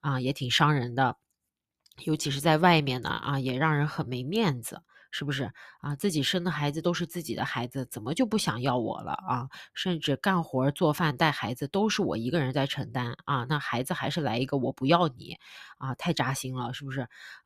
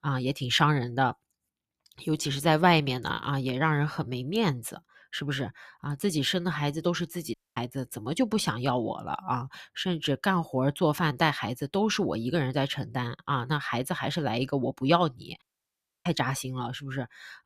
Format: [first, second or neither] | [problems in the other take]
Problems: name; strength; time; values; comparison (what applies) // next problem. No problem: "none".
first | audio cutting out; at 7.5 s and at 15 s for 0.5 s